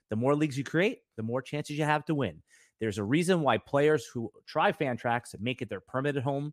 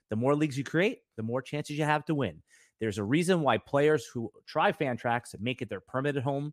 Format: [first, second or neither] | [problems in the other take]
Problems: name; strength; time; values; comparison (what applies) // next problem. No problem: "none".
neither | none